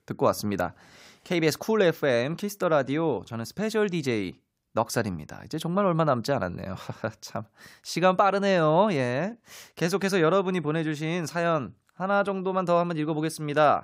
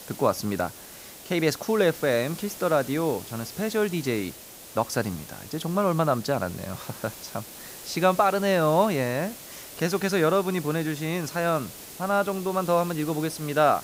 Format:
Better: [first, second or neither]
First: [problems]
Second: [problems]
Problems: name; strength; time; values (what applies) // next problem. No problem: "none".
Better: first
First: none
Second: hiss; noticeable; throughout; 15 dB below the speech